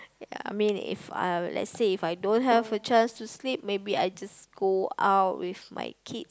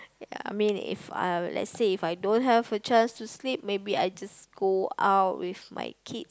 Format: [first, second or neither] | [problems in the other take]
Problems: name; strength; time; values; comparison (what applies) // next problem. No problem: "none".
second | background sound (Bowed string instrument); 17 dB below the speech